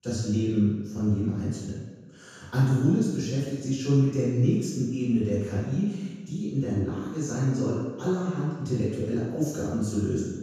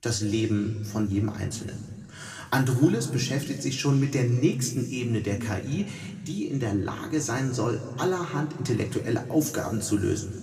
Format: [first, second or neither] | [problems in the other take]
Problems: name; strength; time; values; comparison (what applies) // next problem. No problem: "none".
second | room echo; strong; dies away in 1.2 s; slight in the second // off-mic speech; far; somewhat distant in the second